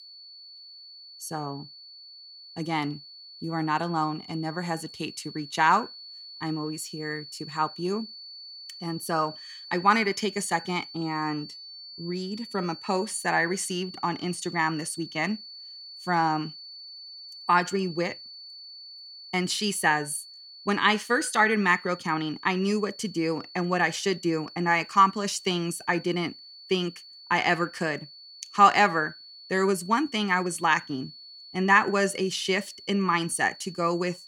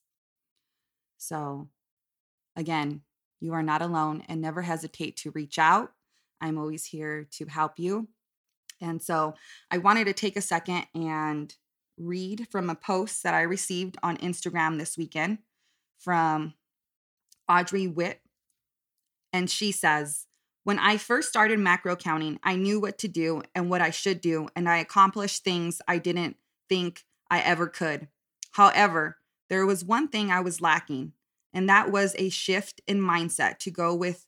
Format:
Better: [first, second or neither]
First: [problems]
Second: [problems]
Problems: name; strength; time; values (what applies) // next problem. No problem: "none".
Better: second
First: high-pitched whine; noticeable; throughout; 4.5 kHz, 15 dB below the speech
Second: none